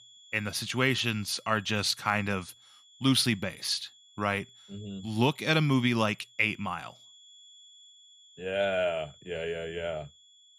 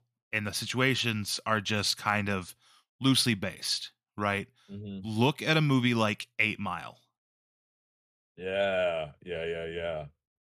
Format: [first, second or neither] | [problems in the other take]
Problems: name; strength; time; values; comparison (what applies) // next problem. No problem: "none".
second | high-pitched whine; faint; throughout; 3.5 kHz, 25 dB below the speech